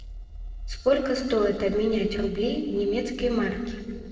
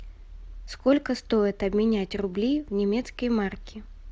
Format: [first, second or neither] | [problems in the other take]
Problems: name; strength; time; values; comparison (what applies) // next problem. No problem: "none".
second | noise reduction (neural separator model SepFormer DNS4)